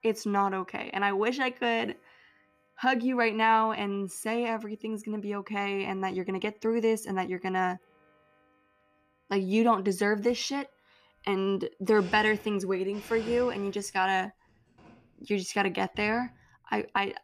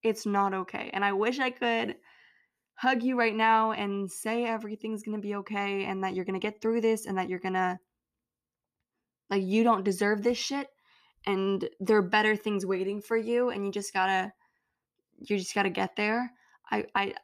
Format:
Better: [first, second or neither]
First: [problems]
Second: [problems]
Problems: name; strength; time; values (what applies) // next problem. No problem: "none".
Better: second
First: household noises; faint; throughout; 20 dB below the speech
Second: none